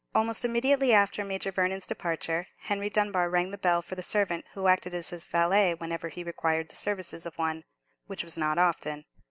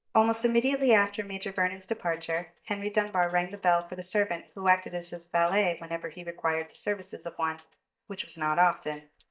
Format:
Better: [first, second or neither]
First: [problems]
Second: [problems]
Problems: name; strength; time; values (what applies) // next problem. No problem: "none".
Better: first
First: none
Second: noise reduction (neural mask model DeepFilterNet 3)